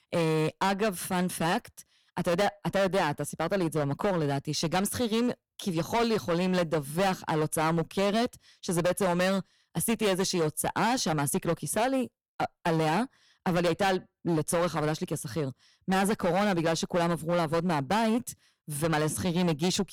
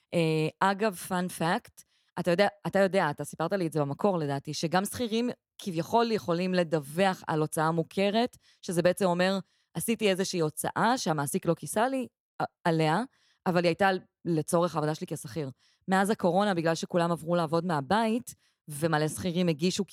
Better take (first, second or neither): second